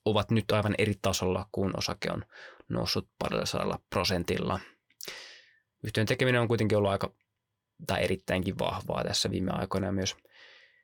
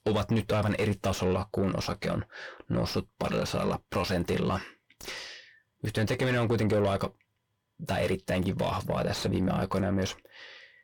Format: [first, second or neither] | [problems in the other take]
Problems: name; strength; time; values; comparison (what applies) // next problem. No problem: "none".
first | distortion; heavy; 7 dB below the speech